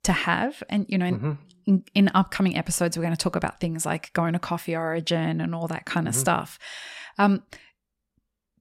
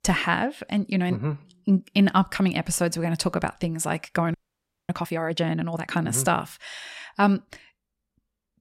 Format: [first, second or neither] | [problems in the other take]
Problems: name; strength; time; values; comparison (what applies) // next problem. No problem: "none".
first | audio freezing; at 4.5 s for 0.5 s